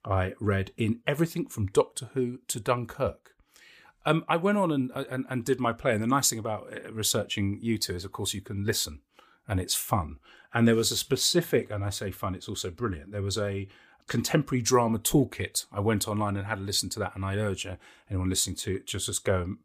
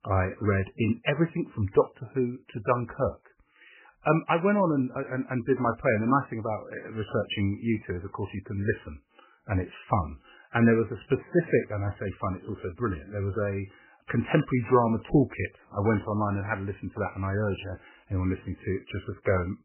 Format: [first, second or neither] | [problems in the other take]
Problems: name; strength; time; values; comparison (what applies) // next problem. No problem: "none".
first | garbled, watery; badly; nothing above 3 kHz